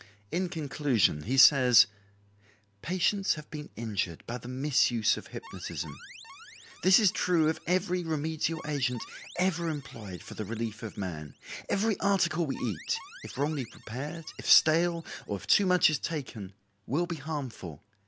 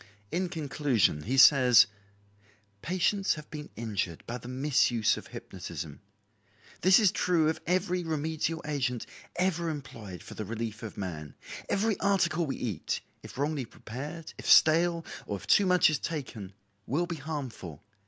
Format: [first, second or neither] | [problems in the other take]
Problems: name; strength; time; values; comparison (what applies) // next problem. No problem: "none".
second | background sound (Alarm); 19 dB below the speech